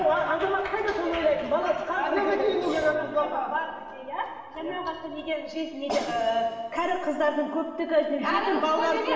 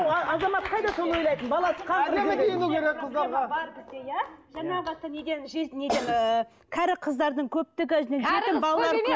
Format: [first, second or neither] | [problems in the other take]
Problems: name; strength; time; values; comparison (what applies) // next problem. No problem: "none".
second | background sound (Burping, eructation); 14 dB below the speech // room echo; dies away in 1.6 s